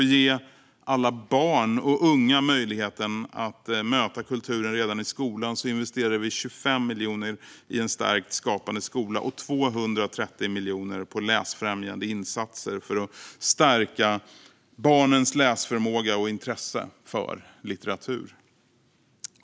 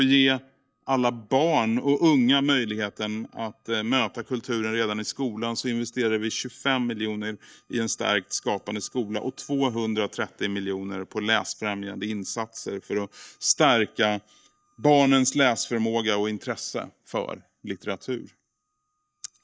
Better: first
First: none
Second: noise reduction (neural mask model DeepFilterNet 3)

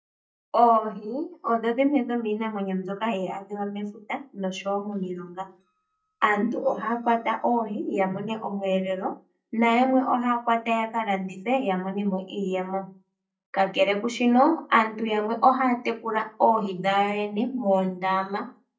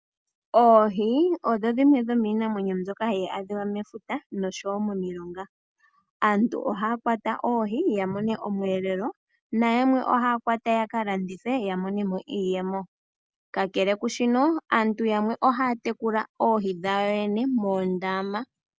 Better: second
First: noise reduction (neural mask model DeepFilterNet 3)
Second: none

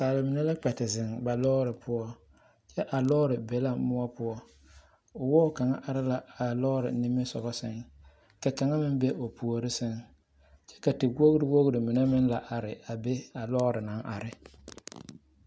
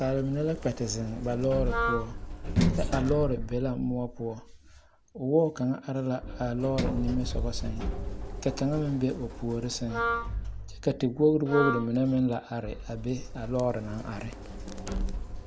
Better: first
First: none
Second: background sound (Sliding door + Wind instrument, woodwind instrument); 4 dB below the speech

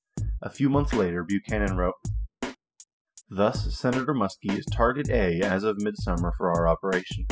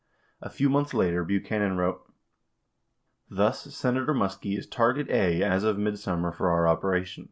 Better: second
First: noise reduction (classical method spectral subtraction)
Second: none

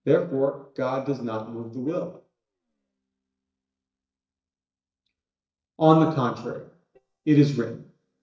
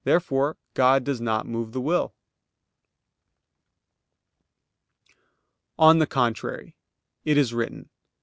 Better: second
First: noise reduction (neural mask model DeepFilterNet 3)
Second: none

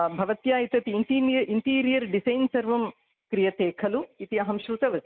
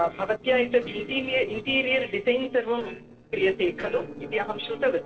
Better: first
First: none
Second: noise reduction (neural separator model SepFormer DNS4)

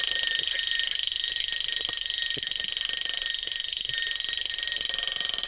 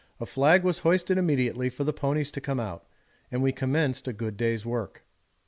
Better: second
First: noise reduction (neural diffusion model UNIVERSE++)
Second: none

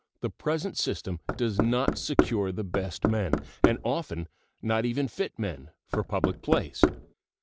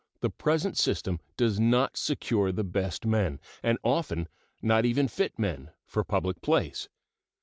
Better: second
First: background sound (Knock); 2 dB above the speech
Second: none

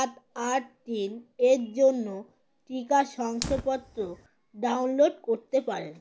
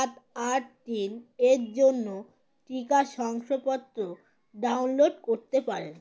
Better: second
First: background sound (Fire); 18 dB below the speech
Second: none

